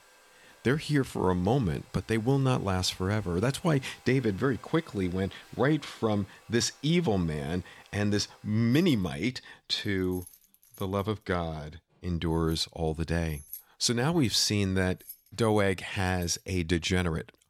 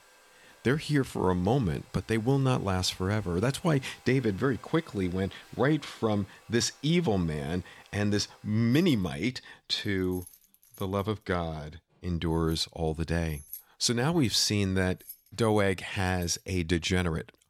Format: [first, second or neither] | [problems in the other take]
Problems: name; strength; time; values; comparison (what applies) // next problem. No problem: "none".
neither | household noises; faint; throughout; 25 dB below the speech; the same in both